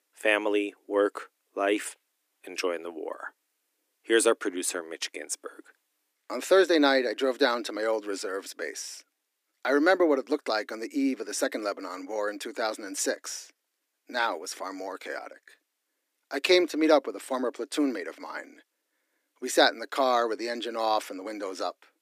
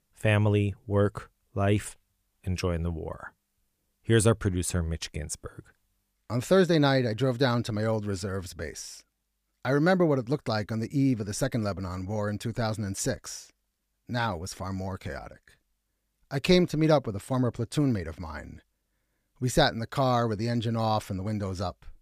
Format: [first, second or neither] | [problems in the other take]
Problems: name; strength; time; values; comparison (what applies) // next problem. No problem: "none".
second | thin; somewhat; fading below 300 Hz